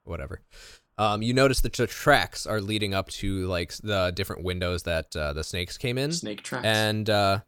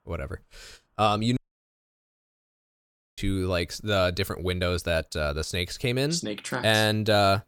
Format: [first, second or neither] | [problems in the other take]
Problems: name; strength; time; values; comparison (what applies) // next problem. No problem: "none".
first | audio cutting out; at 1.5 s for 2 s